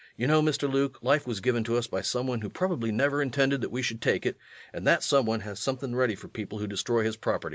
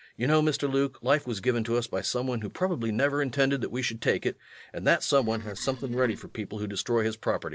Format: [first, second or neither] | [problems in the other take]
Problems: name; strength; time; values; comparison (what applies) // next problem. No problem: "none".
first | noise reduction (neural separator model SepFormer DNS4)